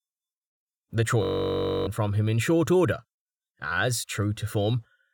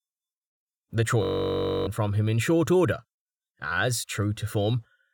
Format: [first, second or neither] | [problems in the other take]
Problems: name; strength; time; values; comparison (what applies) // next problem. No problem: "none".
neither | audio freezing; at 1 s for 0.5 s; the same in both